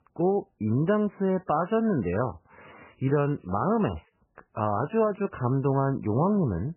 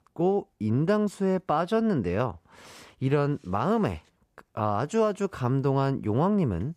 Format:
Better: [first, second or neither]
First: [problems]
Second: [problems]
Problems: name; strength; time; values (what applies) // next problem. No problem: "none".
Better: second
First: garbled, watery; badly; nothing above 3 kHz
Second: none